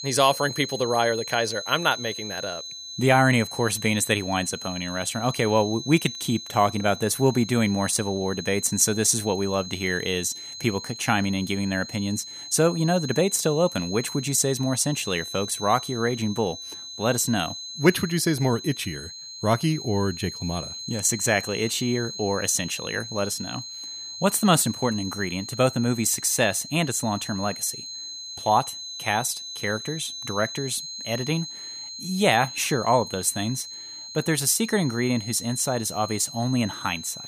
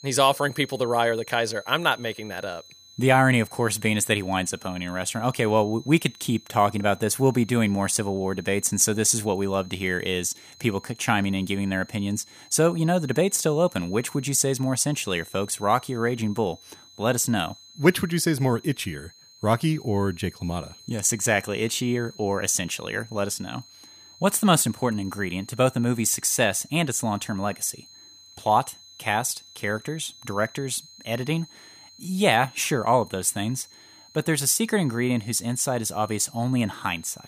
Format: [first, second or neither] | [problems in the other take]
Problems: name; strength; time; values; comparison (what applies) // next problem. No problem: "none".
second | high-pitched whine; loud; throughout; 4 kHz, 10 dB below the speech; faint in the second